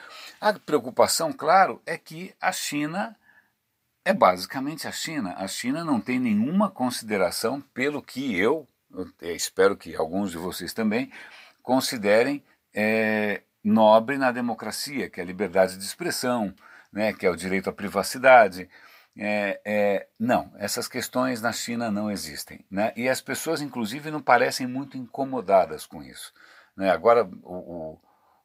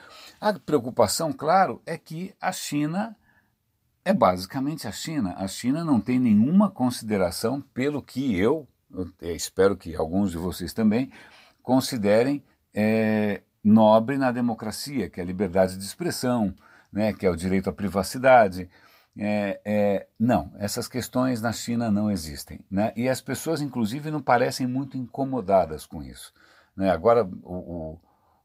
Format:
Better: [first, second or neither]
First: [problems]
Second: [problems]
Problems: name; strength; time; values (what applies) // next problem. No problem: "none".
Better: second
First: thin; very slightly; fading below 400 Hz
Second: none